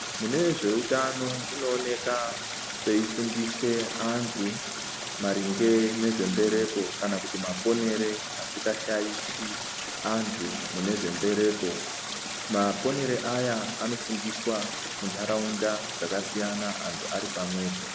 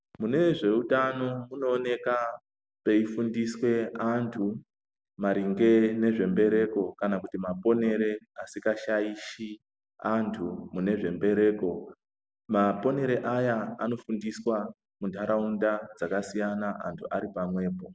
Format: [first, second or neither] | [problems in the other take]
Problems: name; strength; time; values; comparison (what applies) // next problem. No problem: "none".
second | background sound (Stream); 6 dB below the speech